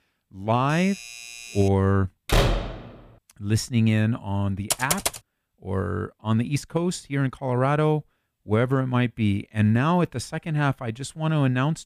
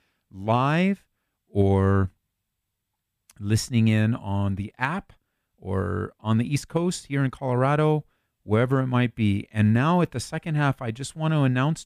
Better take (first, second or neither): second